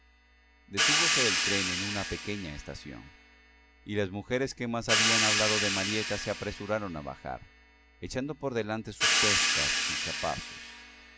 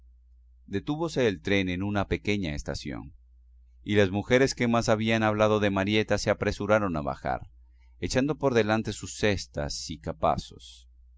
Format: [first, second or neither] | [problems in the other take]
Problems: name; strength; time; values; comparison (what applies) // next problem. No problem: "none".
second | background sound (Hi-hat); 4 dB above the speech